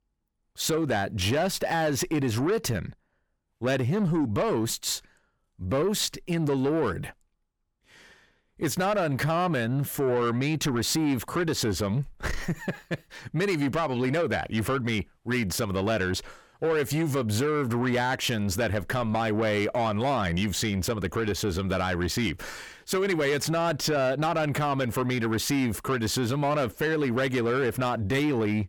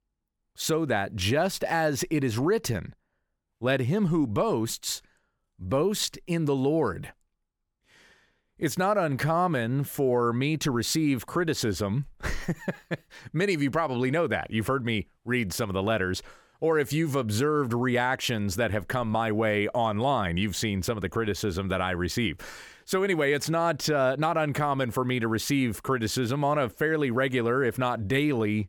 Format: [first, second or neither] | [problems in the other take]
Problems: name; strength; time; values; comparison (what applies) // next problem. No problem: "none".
second | distortion; slight; 10 dB below the speech